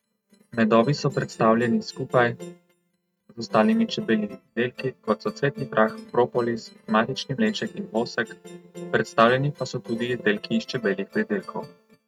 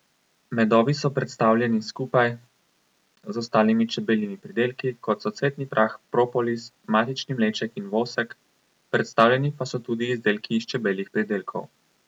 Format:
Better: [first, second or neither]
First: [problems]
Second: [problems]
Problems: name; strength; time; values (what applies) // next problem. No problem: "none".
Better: second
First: noise reduction (neural mask model RNNoise)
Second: none